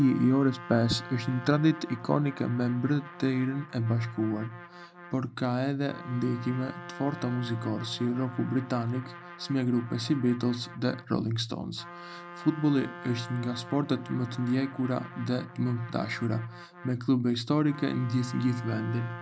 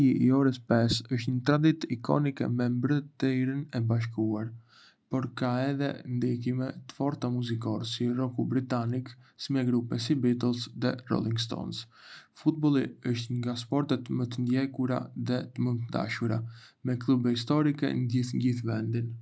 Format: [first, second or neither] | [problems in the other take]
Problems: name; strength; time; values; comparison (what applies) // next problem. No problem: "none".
second | background sound (Trumpet); 16 dB below the speech